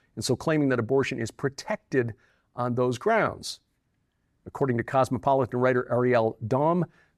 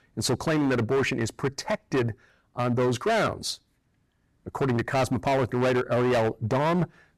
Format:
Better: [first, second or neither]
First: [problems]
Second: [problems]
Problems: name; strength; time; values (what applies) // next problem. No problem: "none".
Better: first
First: none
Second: distortion; heavy; 16% of the sound clipped